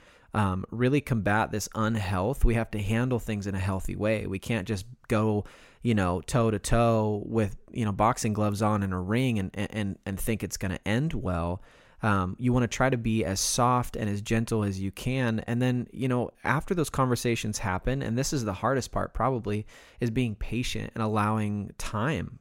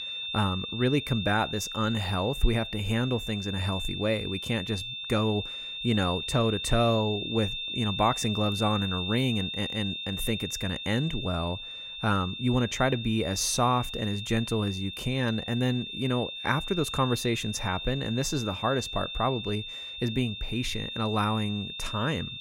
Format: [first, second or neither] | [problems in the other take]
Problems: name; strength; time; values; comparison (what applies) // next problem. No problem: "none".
first | high-pitched whine; loud; throughout; 3.5 kHz, 5 dB below the speech